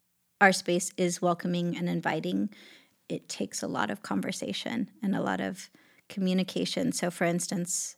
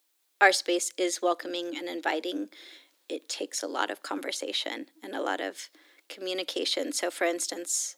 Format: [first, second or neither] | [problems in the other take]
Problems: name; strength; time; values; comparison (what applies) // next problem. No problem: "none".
first | thin; somewhat; fading below 300 Hz